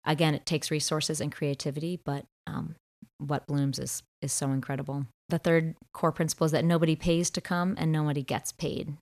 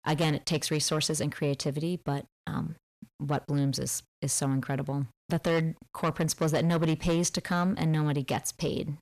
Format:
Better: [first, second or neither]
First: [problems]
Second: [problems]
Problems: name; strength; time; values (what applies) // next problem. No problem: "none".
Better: first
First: none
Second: distortion; slight; 10 dB below the speech